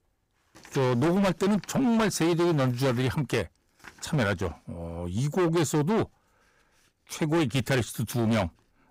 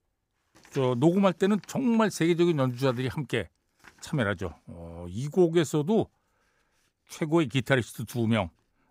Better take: second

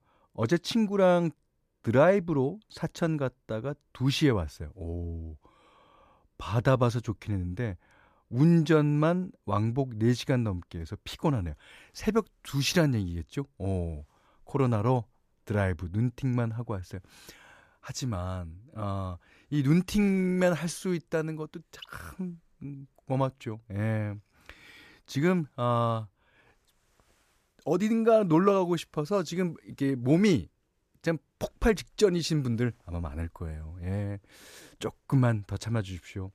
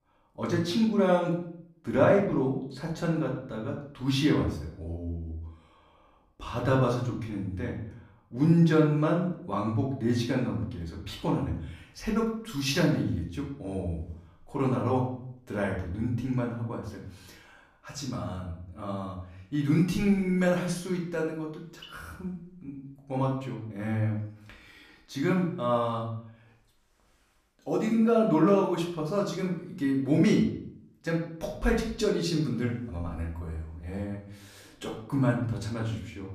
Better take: first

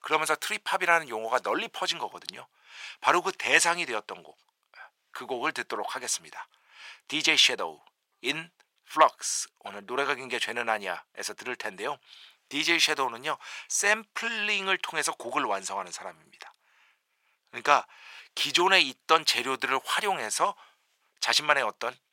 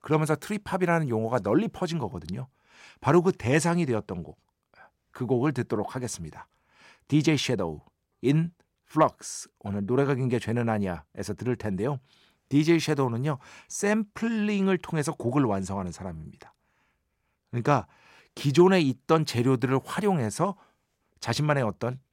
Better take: second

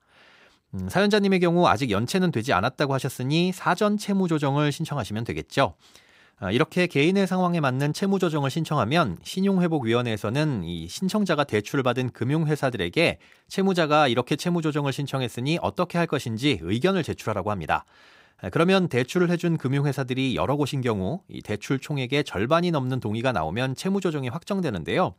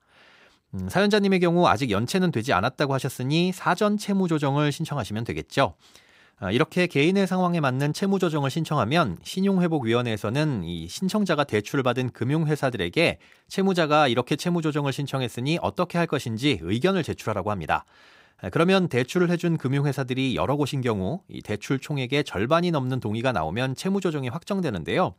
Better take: neither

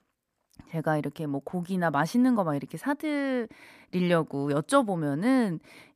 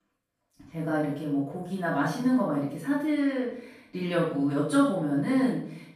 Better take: first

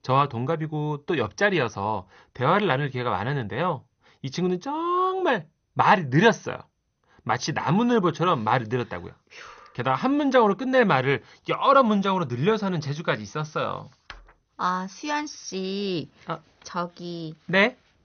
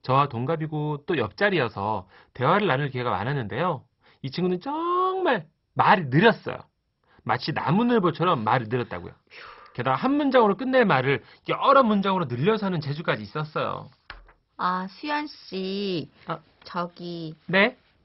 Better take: first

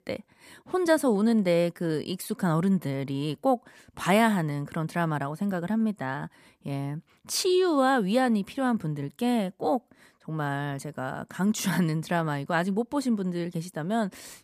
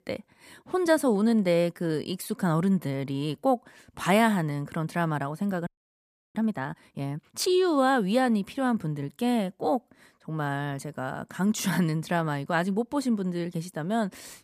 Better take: first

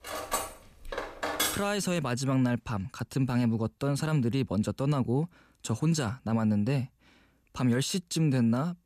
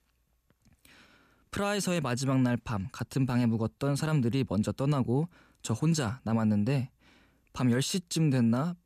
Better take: second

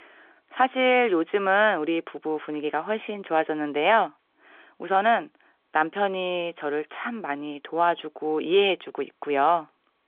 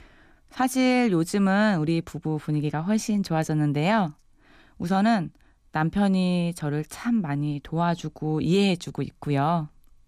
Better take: second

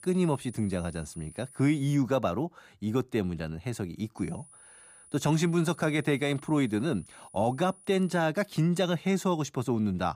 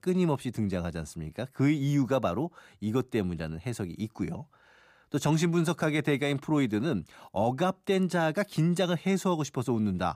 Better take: second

